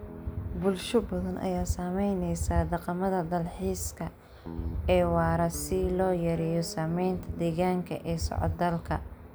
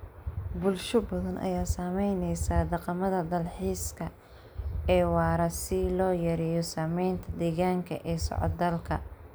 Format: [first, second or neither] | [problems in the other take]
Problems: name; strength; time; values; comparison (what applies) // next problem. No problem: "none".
second | background sound (Guitar); 17 dB below the speech